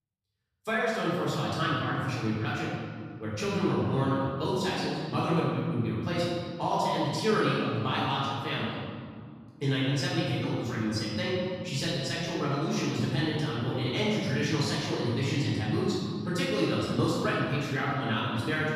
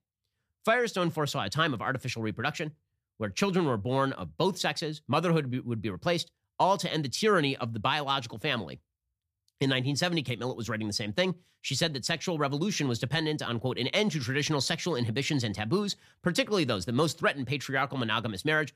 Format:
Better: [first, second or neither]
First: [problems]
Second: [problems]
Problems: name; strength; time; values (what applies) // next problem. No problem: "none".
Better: second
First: room echo; strong; dies away in 2.2 s // off-mic speech; far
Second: none